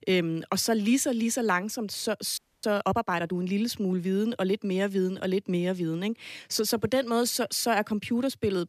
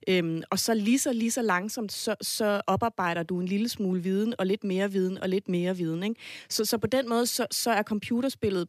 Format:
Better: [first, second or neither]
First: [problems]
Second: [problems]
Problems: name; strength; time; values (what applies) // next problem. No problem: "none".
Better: second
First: audio freezing; at 2.5 s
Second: none